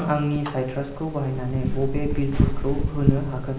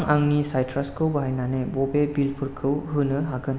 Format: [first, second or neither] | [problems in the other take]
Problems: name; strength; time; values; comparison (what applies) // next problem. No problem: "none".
second | background sound (Fire); as loud as the speech // room echo; dies away in 0.5 s